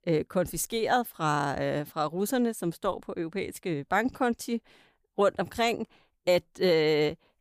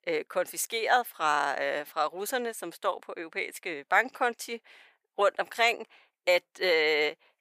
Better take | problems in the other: first | thin; very; fading below 600 Hz

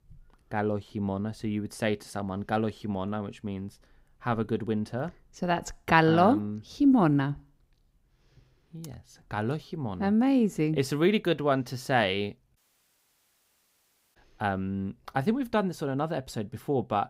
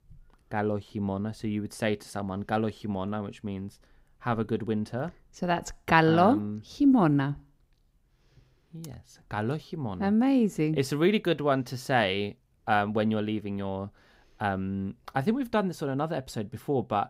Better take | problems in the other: second | audio cutting out; at 13 s for 1.5 s

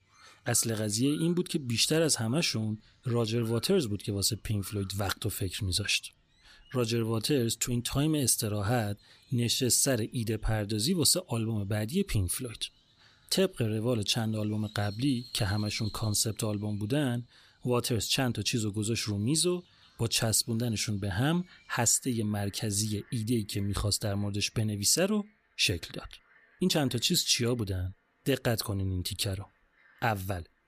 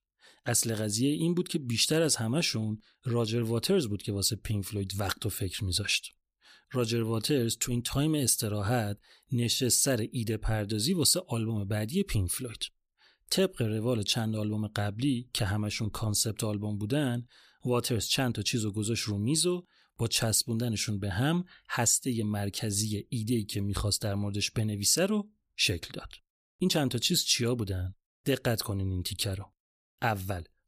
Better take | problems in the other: second | animal sounds; faint; throughout; 25 dB below the speech

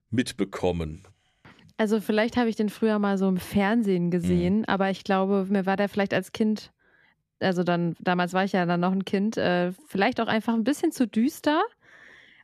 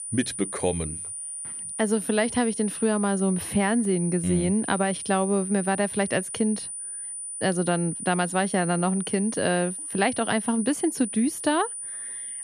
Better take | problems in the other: first | high-pitched whine; loud; throughout; 9.5 kHz, 6 dB below the speech

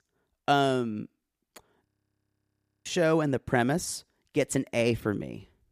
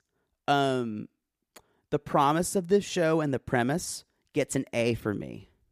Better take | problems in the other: second | audio freezing; at 2 s for 1 s

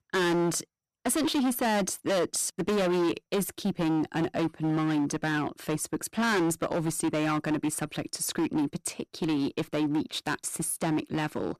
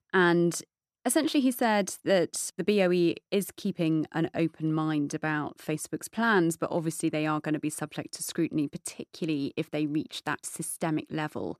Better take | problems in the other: second | distortion; heavy; 19% of the sound clipped

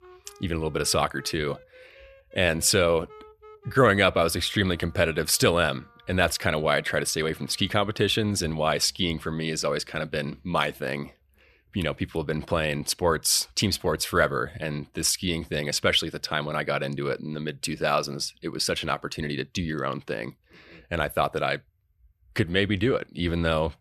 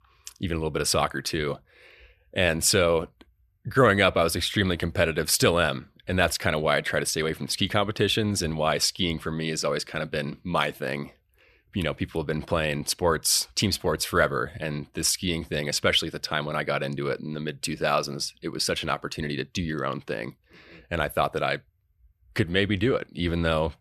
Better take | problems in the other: second | background music; faint; until 11 s; 30 dB below the speech

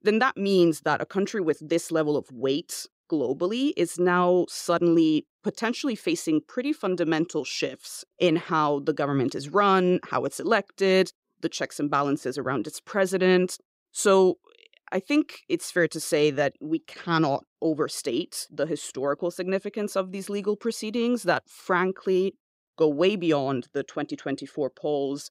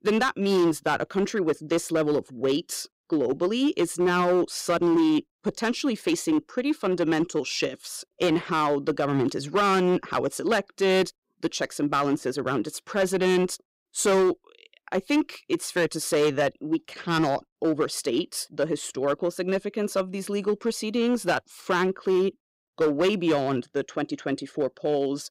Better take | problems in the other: first | distortion; slight; 8% of the sound clipped

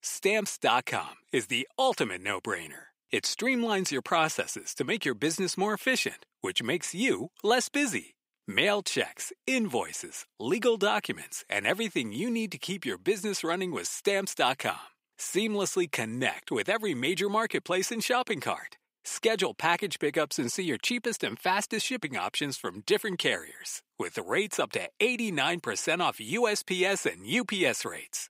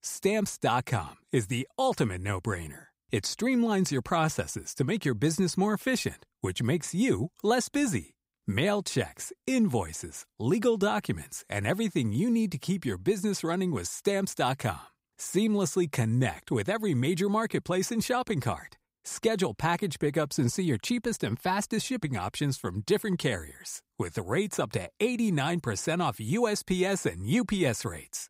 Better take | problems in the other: second | thin; somewhat; fading below 300 Hz

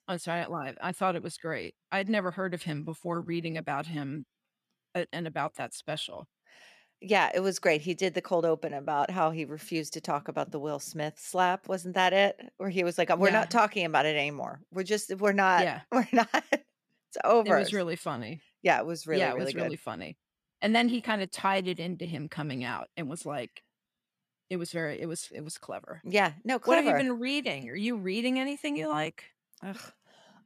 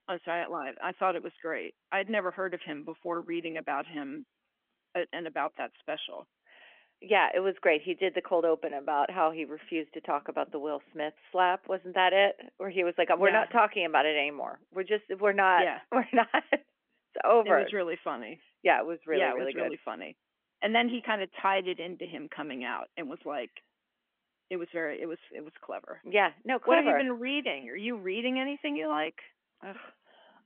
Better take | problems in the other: first | phone-call audio; nothing above 3 kHz

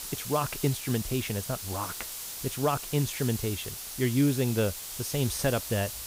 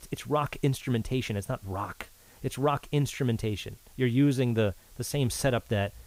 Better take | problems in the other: second | hiss; loud; throughout; 6 dB below the speech; faint in the second

